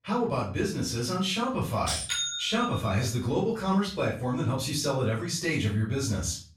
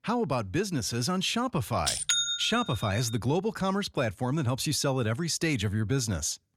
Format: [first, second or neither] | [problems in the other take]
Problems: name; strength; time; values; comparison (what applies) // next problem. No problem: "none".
second | off-mic speech; far // room echo; slight; dies away in 0.4 s